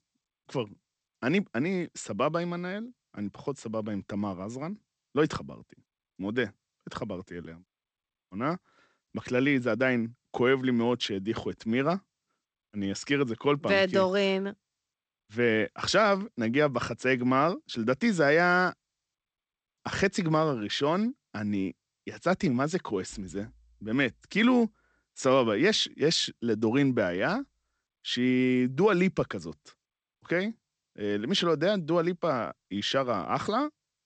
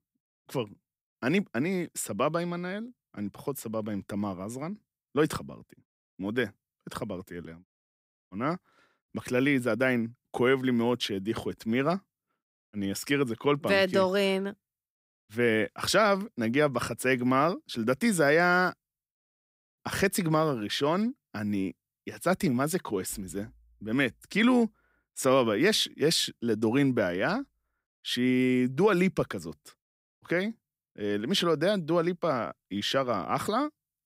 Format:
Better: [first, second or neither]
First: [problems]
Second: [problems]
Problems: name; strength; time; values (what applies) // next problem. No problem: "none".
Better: second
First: garbled, watery; slightly; nothing above 8 kHz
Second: none